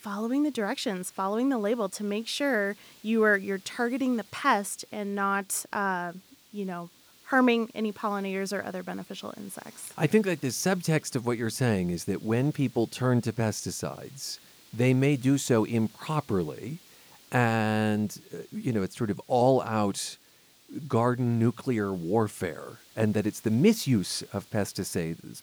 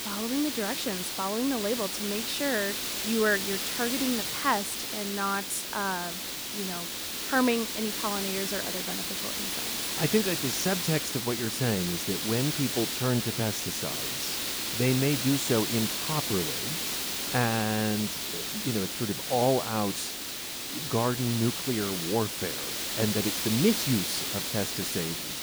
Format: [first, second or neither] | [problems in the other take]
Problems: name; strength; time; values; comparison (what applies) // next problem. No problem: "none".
first | hiss; loud; throughout; as loud as the speech; faint in the first